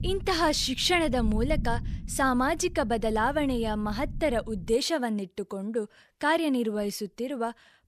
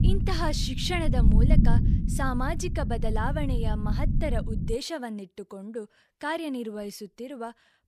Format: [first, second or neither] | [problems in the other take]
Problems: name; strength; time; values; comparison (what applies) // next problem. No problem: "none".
first | low rumble; loud; until 4.5 s; 6 dB below the speech; faint in the first